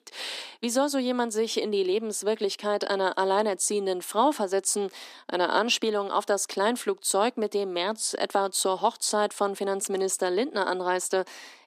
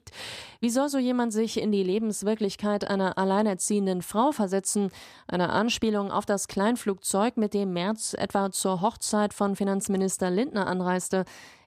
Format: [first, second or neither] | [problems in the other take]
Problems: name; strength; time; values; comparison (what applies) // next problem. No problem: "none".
second | thin; somewhat; fading below 250 Hz